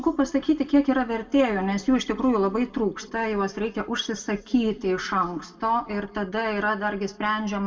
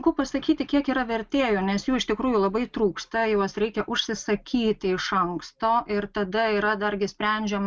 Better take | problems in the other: second | room echo; dies away in 1.2 s

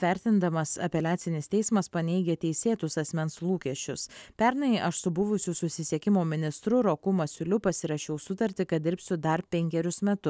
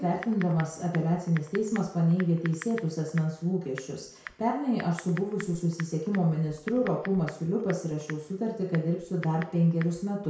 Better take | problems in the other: first | background sound (Typing); 18 dB below the speech // room echo; dies away in 0.6 s

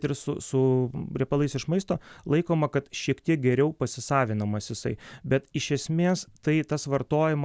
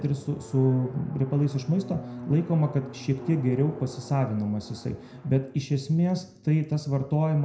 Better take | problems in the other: first | background sound (Drum); 17 dB below the speech // room echo; dies away in 0.4 s

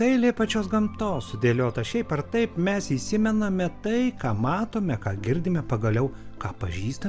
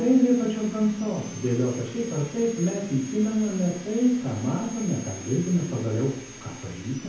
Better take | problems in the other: first | background sound (Sawing); 18 dB below the speech // room echo; dies away in 0.7 s

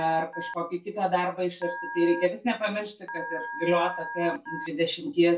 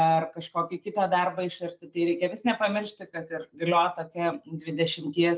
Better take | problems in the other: second | background sound (Telephone); 11 dB below the speech // room echo; dies away in 0.2 s

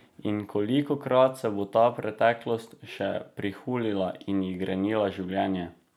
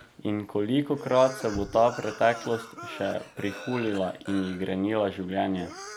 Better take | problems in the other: first | background sound (Cough); 15 dB below the speech

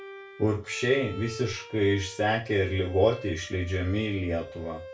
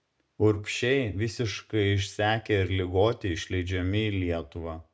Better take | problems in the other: second | background sound (Bowed string instrument); 16 dB below the speech // room echo; dies away in 0.2 s

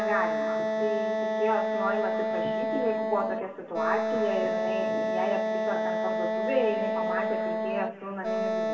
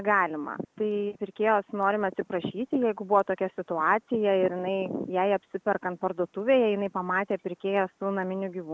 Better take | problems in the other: second | background sound (Wind instrument, woodwind instrument); 4 dB above the speech // room echo; dies away in 2.4 s

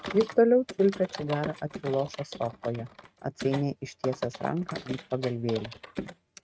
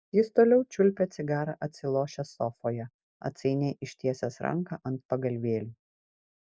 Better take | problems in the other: second | noise reduction (neural mask model RNNoise)

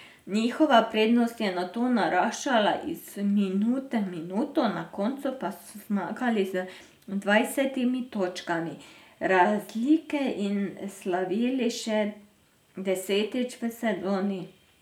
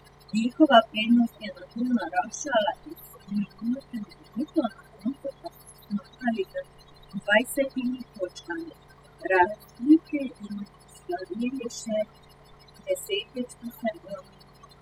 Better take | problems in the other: first | noise reduction (classical method spectral subtraction)

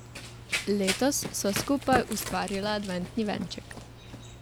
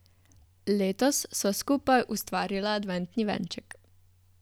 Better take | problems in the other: second | background sound (Run); 6 dB below the speech

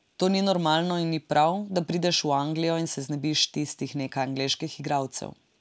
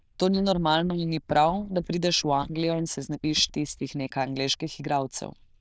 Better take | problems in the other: first | noise reduction (neural diffusion model UNIVERSE++)

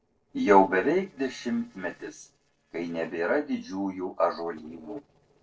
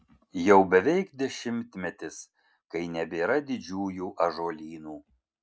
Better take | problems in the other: second | noise reduction (neural separator model SepFormer DNS4)

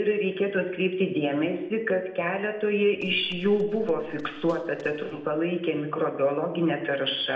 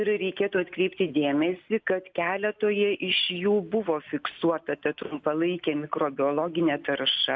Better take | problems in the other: second | noise reduction (neural separator model SepFormer DNS4)

